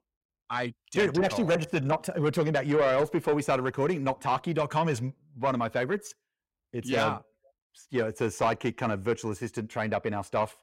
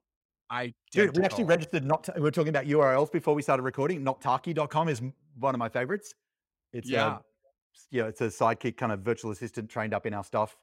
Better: second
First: distortion; slight; 10 dB below the speech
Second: none

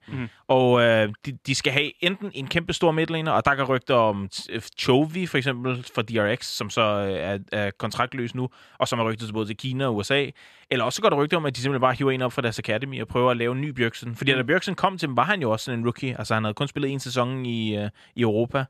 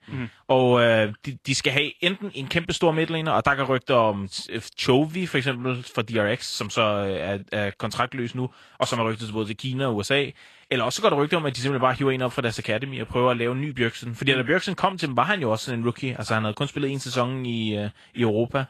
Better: first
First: none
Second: garbled, watery; slightly; nothing above 13 kHz

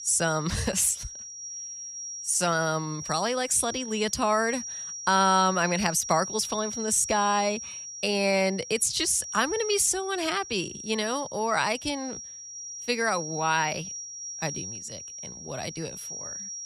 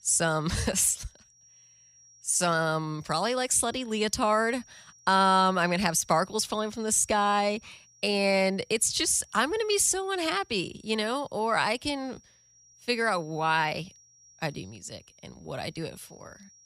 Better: second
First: high-pitched whine; loud; throughout; 5.5 kHz, 9 dB below the speech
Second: high-pitched whine; faint; throughout; 5.5 kHz, 30 dB below the speech

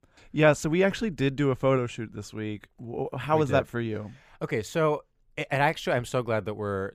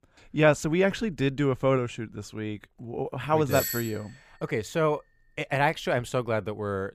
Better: first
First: none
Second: doorbell; noticeable; at 3.5 s; peak 3 dB below the speech

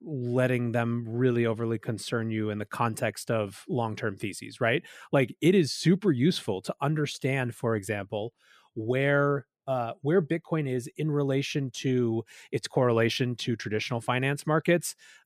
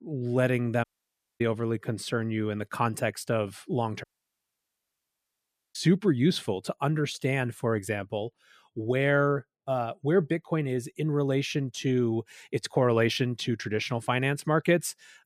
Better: first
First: none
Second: audio cutting out; at 1 s for 0.5 s and at 4 s for 1.5 s

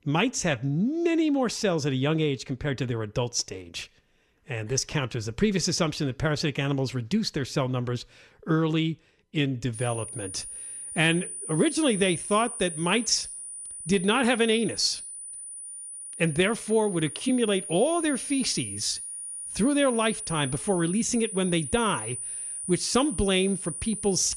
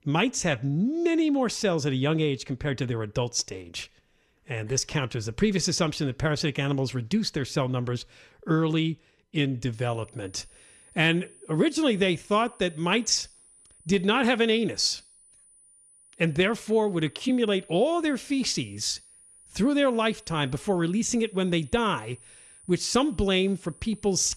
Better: second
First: high-pitched whine; loud; from 10 s on; 9.5 kHz, 8 dB below the speech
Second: high-pitched whine; faint; from 10 s on; 9.5 kHz, 25 dB below the speech

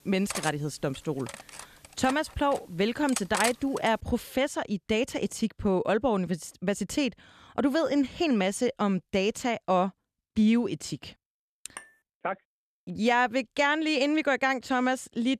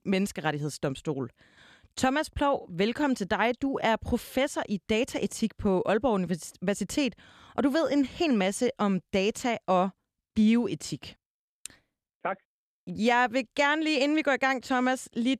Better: second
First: clattering dishes; noticeable; until 4 s; peak 2 dB below the speech // clattering dishes; faint; at 12 s; peak 20 dB below the speech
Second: none

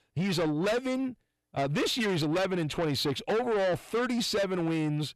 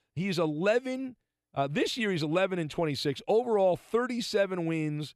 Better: second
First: distortion; heavy; 7 dB below the speech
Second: none

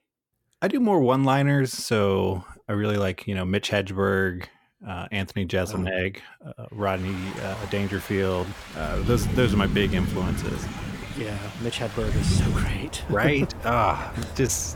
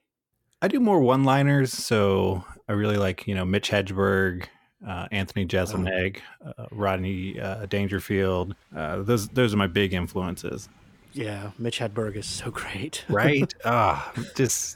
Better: second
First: rain or running water; loud; from 7 s on; 5 dB below the speech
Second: rain or running water; faint; from 7 s on; 25 dB below the speech

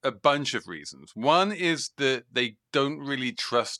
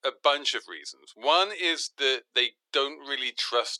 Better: first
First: none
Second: thin; very; fading below 350 Hz

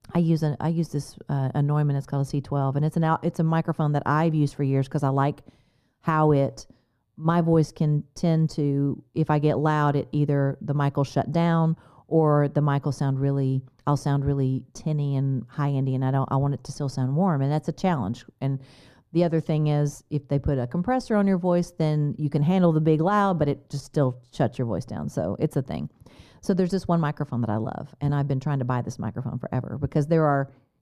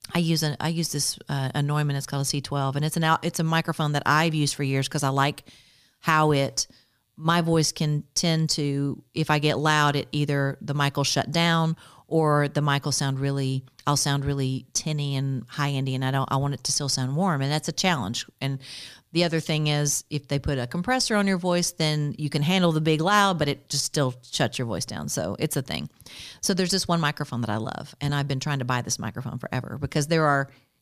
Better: second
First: muffled; very; fading above 1.5 kHz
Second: none

